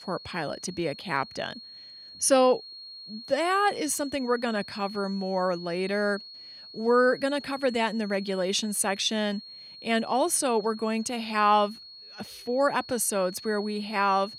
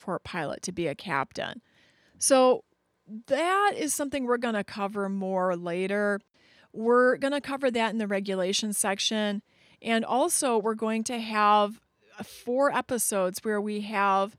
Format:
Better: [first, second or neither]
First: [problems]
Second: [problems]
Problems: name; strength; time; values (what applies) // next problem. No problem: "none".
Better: second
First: high-pitched whine; noticeable; throughout; 4.5 kHz, 15 dB below the speech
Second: none